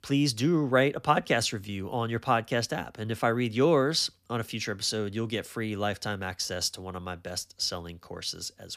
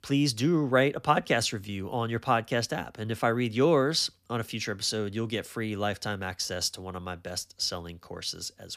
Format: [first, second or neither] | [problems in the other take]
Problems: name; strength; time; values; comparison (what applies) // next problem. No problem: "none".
neither | none